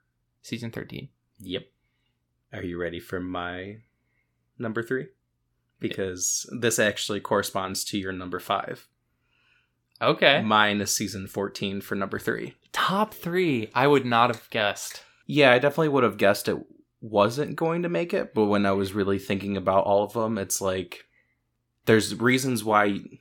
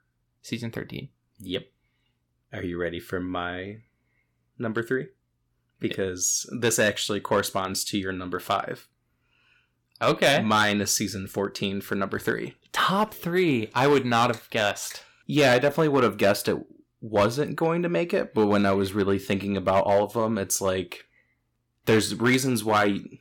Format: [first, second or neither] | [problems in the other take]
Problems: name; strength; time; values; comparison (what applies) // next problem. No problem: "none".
first | distortion; slight; 2% of the sound clipped